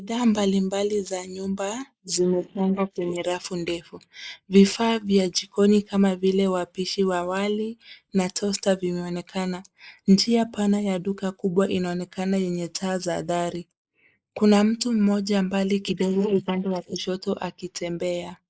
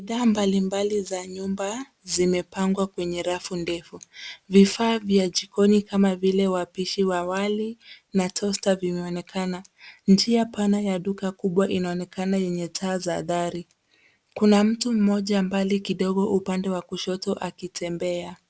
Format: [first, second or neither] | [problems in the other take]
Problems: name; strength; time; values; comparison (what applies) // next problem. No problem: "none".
second | noise reduction (neural mask model Resemble Enhance denoiser)